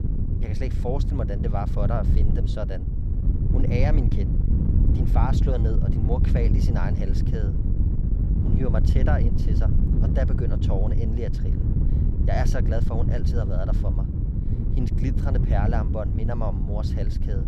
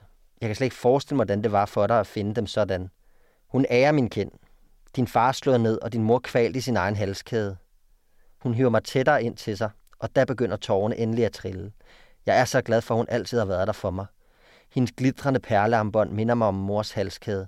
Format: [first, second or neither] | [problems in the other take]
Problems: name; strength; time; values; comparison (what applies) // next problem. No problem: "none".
second | wind noise on the microphone; heavy; 3 dB below the speech